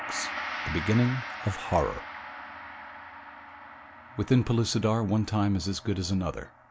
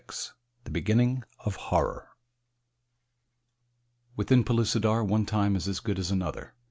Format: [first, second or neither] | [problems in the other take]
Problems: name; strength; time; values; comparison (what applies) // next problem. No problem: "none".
second | background sound (Gong); 11 dB below the speech